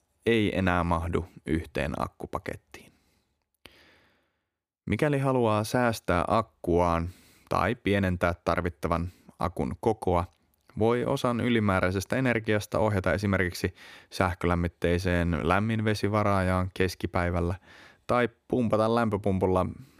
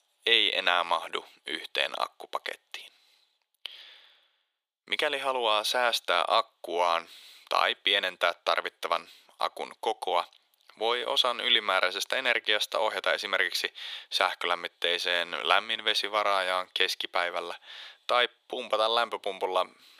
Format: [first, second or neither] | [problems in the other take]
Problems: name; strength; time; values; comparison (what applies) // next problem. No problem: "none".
first | thin; very; fading below 600 Hz